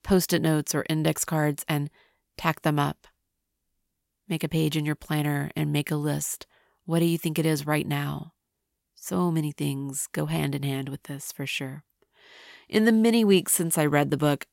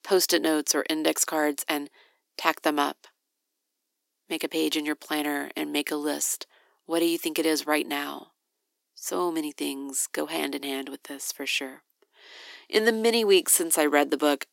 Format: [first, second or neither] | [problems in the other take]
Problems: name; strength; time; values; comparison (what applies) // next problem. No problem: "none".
first | thin; somewhat; fading below 300 Hz